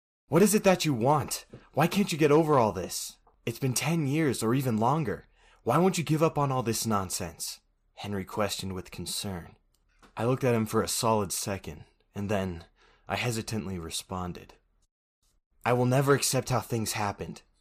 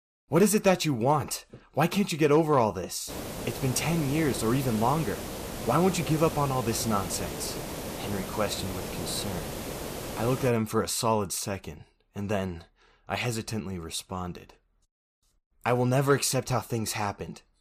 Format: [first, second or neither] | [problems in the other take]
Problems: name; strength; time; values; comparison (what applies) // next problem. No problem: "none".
first | hiss; loud; from 3 to 10 s; 8 dB below the speech